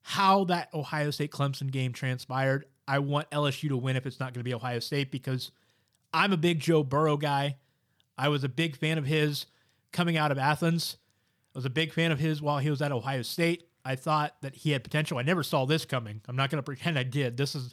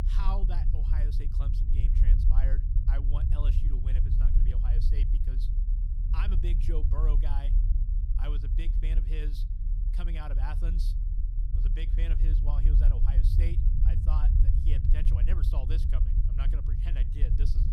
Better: first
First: none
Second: low rumble; loud; throughout; 2 dB below the speech

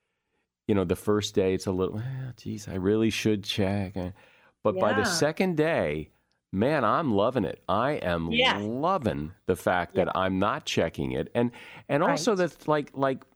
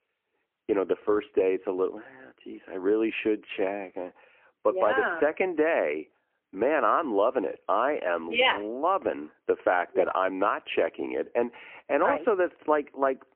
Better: first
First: none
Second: phone-call audio; poor line; nothing above 3 kHz

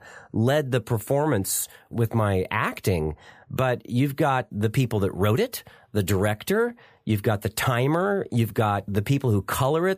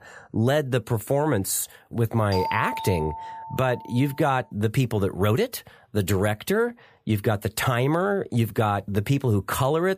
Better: first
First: none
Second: doorbell; noticeable; from 2.5 to 4 s; peak 4 dB below the speech

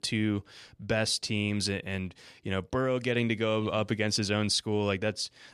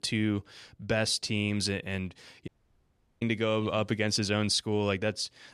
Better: first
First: none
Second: audio cutting out; at 2.5 s for 0.5 s

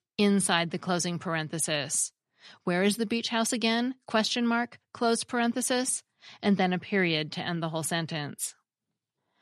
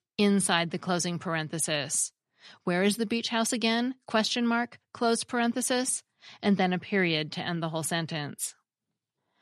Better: neither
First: none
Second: none

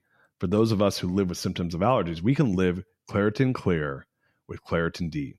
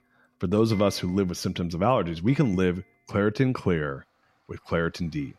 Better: first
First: none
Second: household noises; faint; throughout; 20 dB below the speech

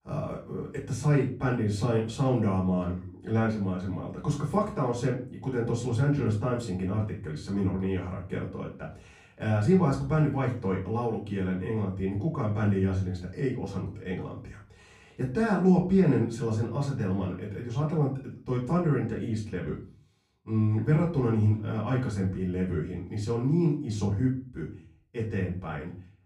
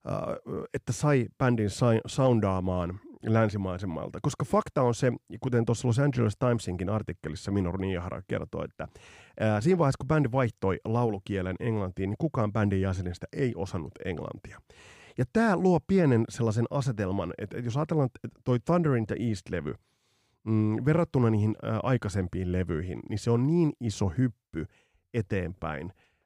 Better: second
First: off-mic speech; far // room echo; slight; dies away in 0.3 s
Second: none

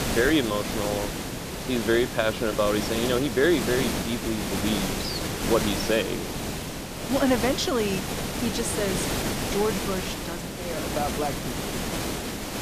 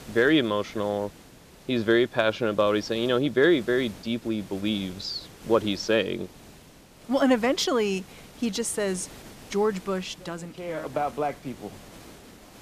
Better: second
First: hiss; loud; throughout; 2 dB below the speech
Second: hiss; faint; throughout; 20 dB below the speech

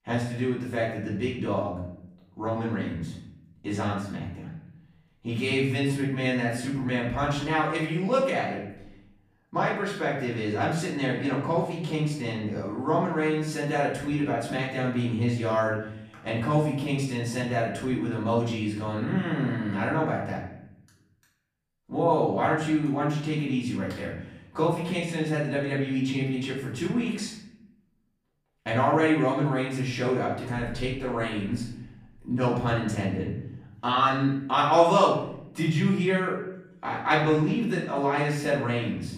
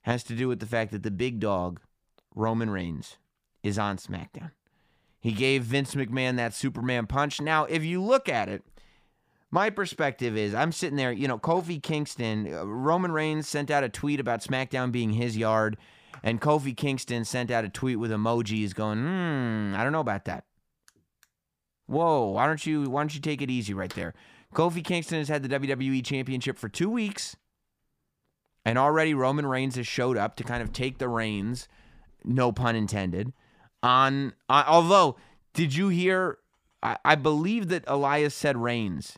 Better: second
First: off-mic speech; far // room echo; noticeable; dies away in 0.8 s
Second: none

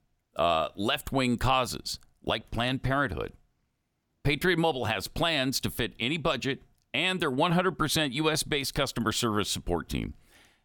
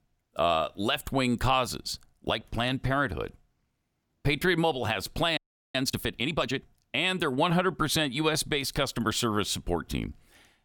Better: first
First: none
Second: audio freezing; at 5.5 s

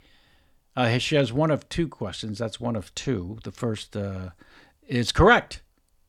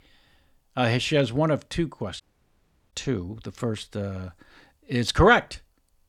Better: first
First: none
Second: audio cutting out; at 2 s for 0.5 s

